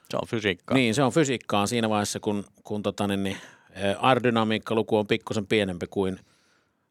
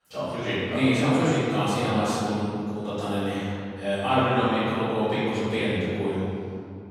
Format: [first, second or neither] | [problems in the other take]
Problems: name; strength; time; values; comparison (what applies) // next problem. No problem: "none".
first | room echo; strong; dies away in 2.5 s // off-mic speech; far